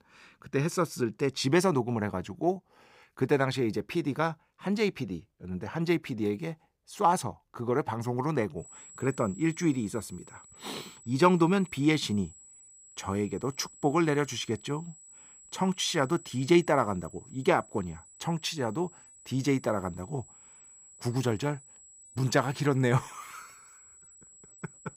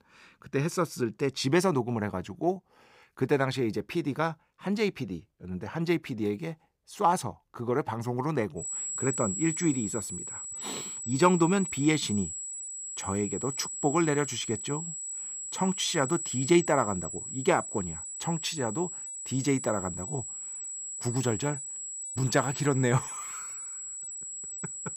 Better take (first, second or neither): first